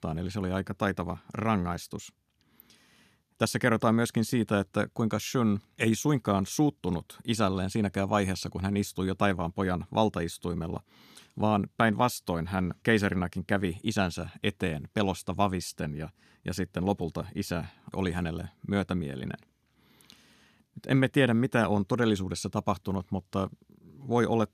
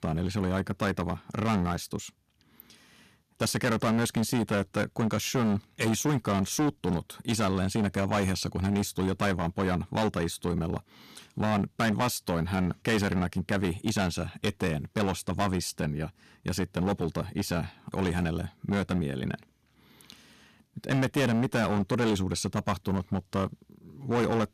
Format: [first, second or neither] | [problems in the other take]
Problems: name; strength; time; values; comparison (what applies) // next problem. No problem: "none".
first | distortion; heavy; 13% of the sound clipped